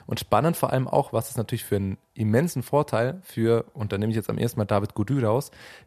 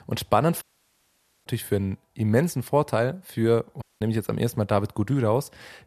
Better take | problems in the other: first | audio cutting out; at 0.5 s for 1 s and at 4 s

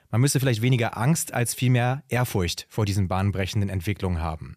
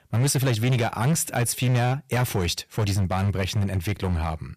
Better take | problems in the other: first | distortion; slight; 13% of the sound clipped

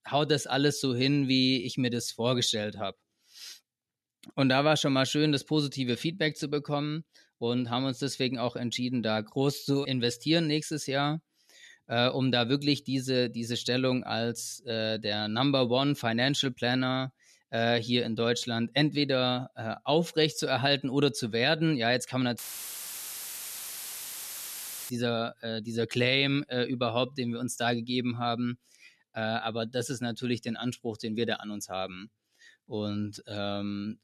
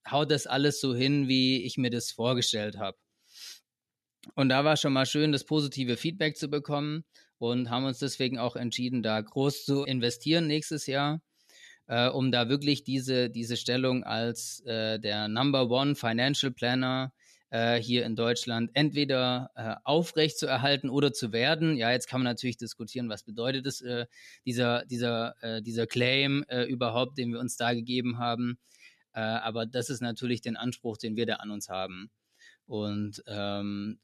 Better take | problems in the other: second | audio cutting out; filled with static; at 22 s for 2.5 s

